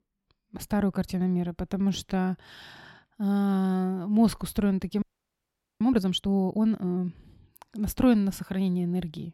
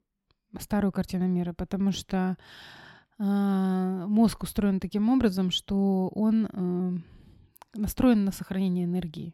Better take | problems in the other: second | audio freezing; at 5 s for 1 s

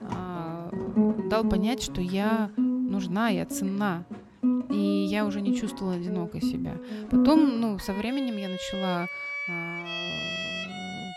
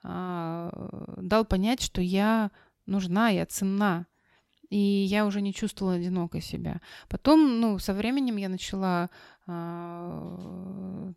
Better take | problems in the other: second | background music; loud; throughout; 1 dB below the speech

